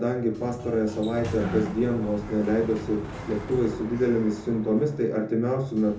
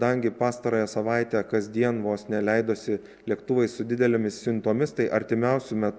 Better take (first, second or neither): second